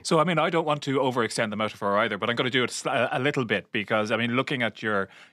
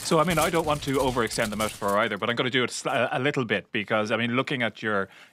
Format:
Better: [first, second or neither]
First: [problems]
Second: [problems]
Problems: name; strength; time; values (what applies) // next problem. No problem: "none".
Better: first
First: none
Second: household noises; noticeable; throughout; 10 dB below the speech